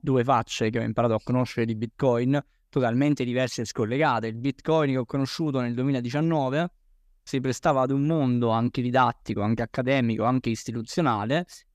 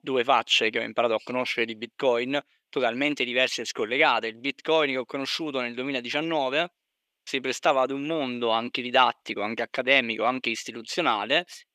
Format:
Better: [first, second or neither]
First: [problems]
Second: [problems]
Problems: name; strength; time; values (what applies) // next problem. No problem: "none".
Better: first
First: none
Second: thin; somewhat; fading below 450 Hz